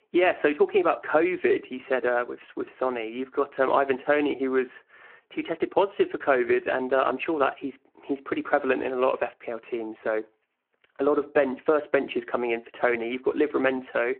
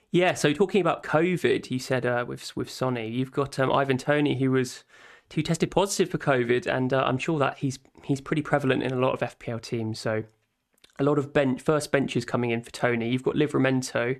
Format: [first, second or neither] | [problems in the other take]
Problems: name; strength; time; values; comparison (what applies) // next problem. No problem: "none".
second | phone-call audio